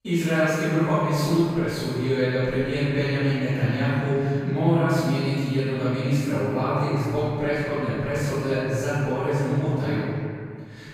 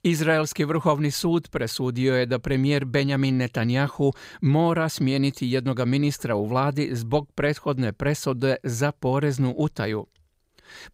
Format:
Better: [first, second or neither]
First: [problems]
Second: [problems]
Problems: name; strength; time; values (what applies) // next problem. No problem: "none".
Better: second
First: off-mic speech; far // room echo; strong; dies away in 2 s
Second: none